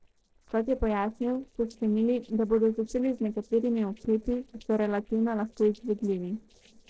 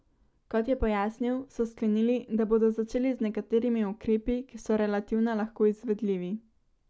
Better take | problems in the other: second | noise reduction (neural separator model SepFormer DNS4)

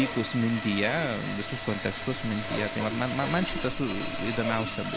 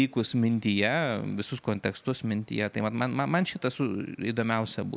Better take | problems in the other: second | background sound (Sawing); 5 dB below the speech

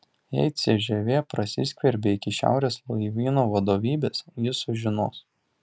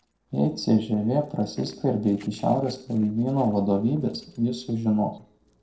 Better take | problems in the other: first | noise reduction (neural separator model SepFormer DNS4)

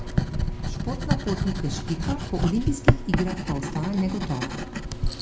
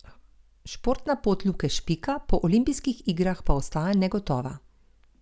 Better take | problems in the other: second | background sound (Writing); 3 dB above the speech // room echo; dies away in 0.4 s

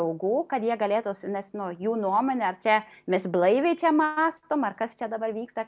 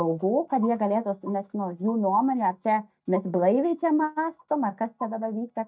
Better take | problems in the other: first | noise reduction (neural mask model DeepFilterNet 3)

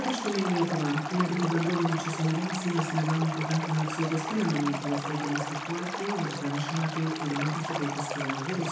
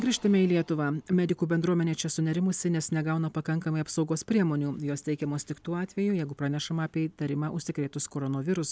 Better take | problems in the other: second | background sound (Stream); 5 dB below the speech // room echo; dies away in 0.9 s

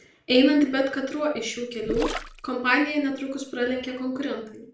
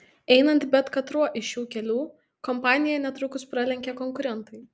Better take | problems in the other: second | background sound (Gurgling); 9 dB below the speech // room echo; dies away in 0.4 s

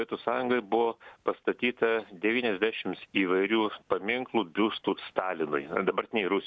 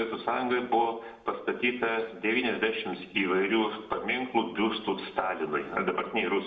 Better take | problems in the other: first | room echo; dies away in 0.6 s

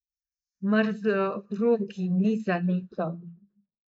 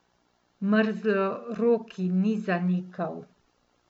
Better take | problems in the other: second | noise reduction (neural mask model Resemble Enhance denoiser)

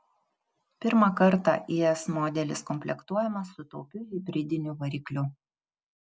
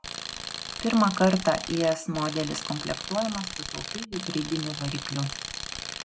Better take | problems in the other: first | background sound (Tools); 7 dB below the speech

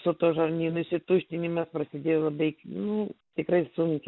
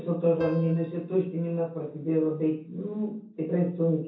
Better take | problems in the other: first | background sound (Piano); 18 dB below the speech // room echo; dies away in 0.6 s

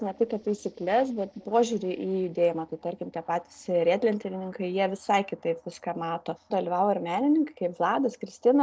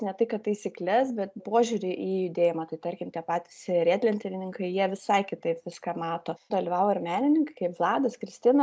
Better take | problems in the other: second | noise reduction (neural separator model SepFormer DNS4)

